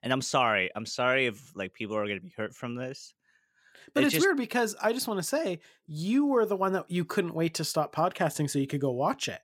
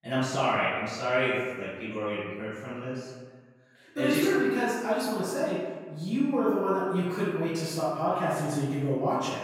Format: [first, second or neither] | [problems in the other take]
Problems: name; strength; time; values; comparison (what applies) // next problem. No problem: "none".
first | off-mic speech; far // room echo; strong; dies away in 1.3 s